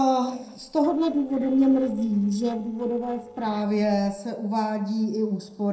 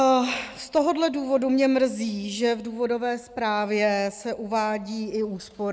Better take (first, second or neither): second